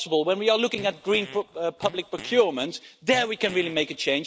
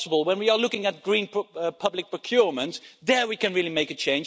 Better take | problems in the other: second | background sound (Fart); 19 dB below the speech

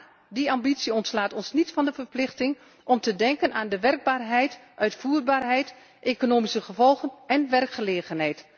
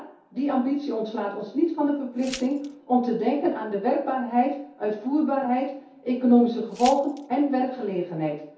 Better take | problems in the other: first | background sound (Glass); 17 dB below the speech // room echo; dies away in 0.6 s

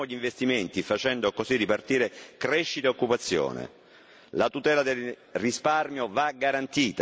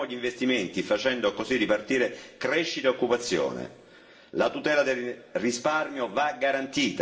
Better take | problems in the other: first | room echo; dies away in 1.1 s

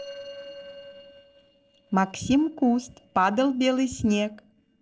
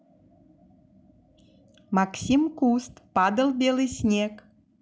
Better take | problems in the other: second | noise reduction (neural separator model SepFormer DNS4)

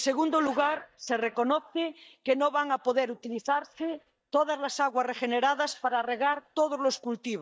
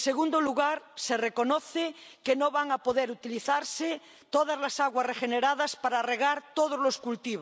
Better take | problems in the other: second | noise reduction (neural mask model DeepFilterNet 3)

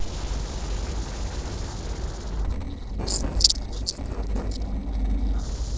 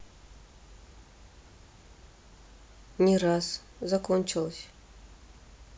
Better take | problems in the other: second | noise reduction (neural separator model SepFormer DNS4)

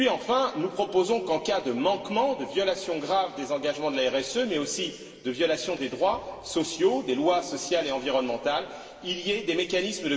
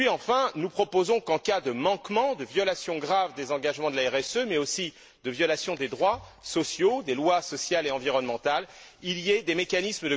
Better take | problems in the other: second | room echo; dies away in 2.3 s

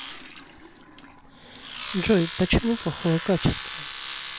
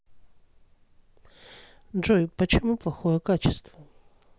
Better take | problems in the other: second | background sound (Domestic sounds, home sounds); 11 dB below the speech

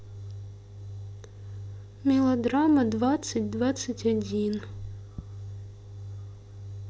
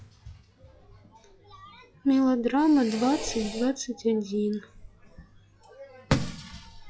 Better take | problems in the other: first | noise reduction (classical method log-MMSE)

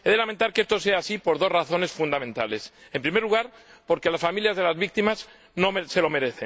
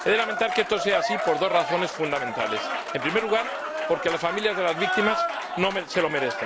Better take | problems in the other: first | background sound (Applause / Cheering); 3 dB below the speech

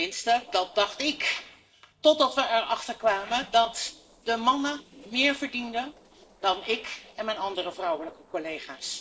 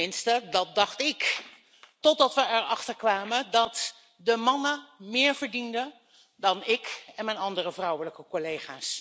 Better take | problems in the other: second | noise reduction (neural separator model SepFormer DNS4)

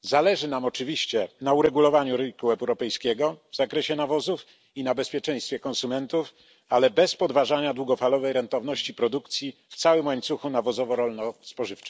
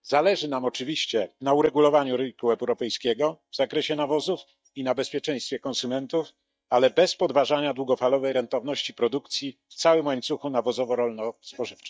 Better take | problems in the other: first | noise reduction (neural mask model DeepFilterNet 3)

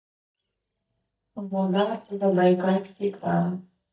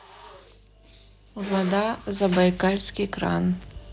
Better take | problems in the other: second | noise reduction (neural mask model DeepFilterNet 3)

